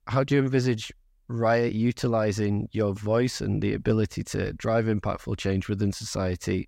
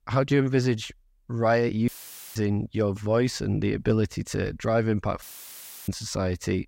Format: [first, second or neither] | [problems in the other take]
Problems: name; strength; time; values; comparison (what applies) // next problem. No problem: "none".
first | audio cutting out; filled with static; at 2 s and at 5 s for 0.5 s